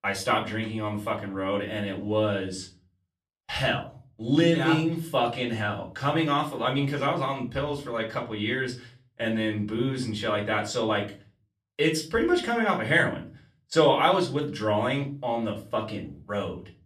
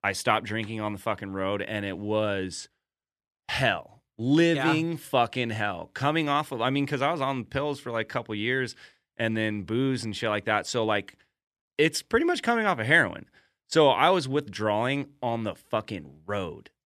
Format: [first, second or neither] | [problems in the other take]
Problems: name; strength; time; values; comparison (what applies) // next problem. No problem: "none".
second | off-mic speech; far // room echo; very slight; dies away in 0.3 s